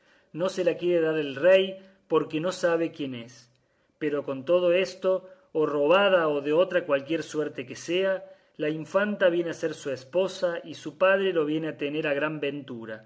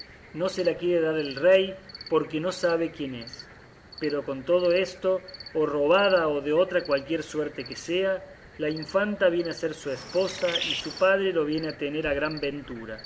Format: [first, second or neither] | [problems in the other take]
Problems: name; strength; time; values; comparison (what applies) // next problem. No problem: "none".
first | background sound (Cricket + Bird); 15 dB below the speech